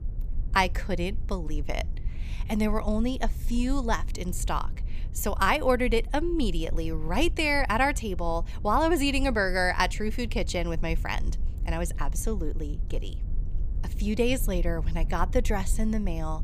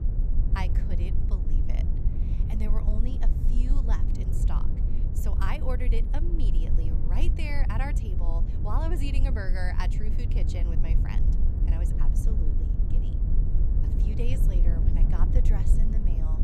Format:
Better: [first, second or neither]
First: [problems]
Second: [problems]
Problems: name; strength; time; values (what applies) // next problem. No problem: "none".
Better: first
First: low rumble; faint; throughout; 25 dB below the speech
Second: low rumble; loud; throughout; 4 dB below the speech